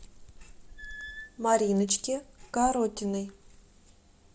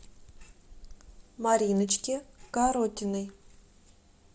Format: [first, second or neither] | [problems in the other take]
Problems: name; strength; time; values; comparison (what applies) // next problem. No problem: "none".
second | background sound (Squeak / Screech); 17 dB below the speech